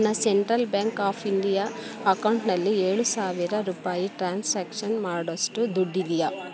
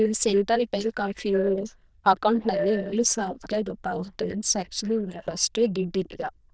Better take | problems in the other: first | noise reduction (neural diffusion model UNIVERSE++)

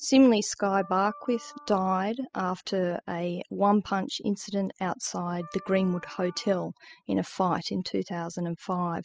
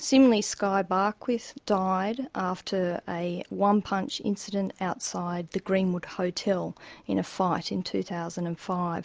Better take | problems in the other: second | noise reduction (classical method spectral subtraction)

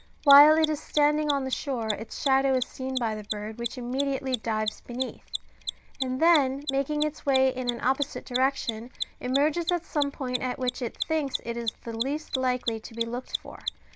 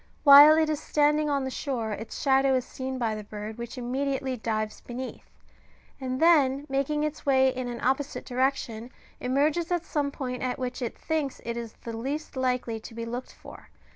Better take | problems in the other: second | background sound (Mechanisms); 10 dB below the speech

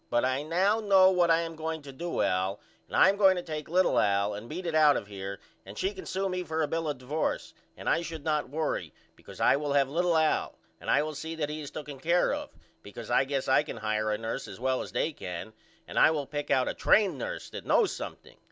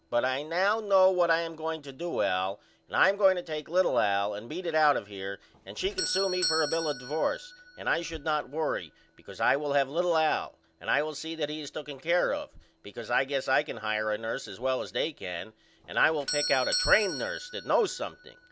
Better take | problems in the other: first | background sound (Doorbell); 12 dB below the speech

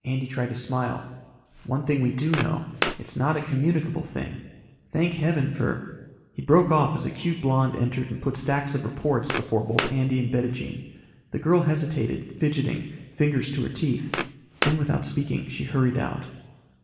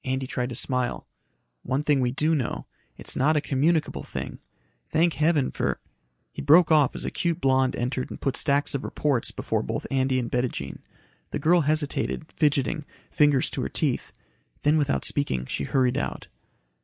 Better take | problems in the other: second | background sound (Walk, footsteps); 9 dB below the speech // room echo; dies away in 1.2 s

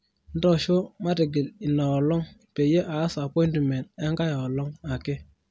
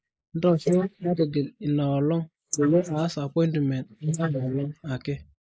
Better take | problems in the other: first | noise reduction (neural mask model Resemble Enhance denoiser)

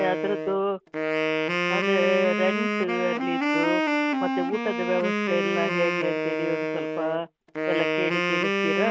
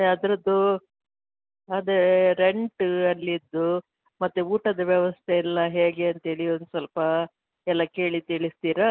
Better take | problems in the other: second | background sound (Wind instrument, woodwind instrument); 2 dB above the speech

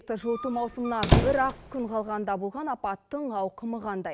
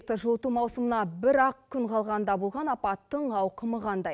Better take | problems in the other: second | background sound (Squeak); 1 dB above the speech

